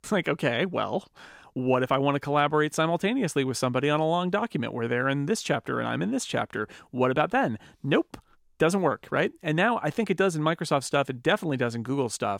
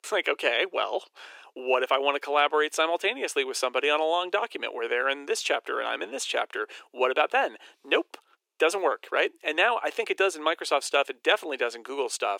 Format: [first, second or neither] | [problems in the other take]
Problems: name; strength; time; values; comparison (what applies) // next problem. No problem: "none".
first | thin; very; fading below 350 Hz